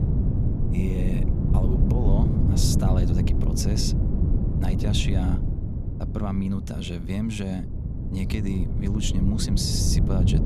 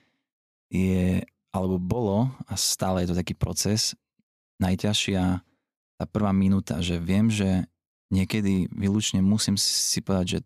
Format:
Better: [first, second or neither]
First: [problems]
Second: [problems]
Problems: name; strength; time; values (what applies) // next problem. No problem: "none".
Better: second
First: wind noise on the microphone; heavy; 3 dB below the speech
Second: none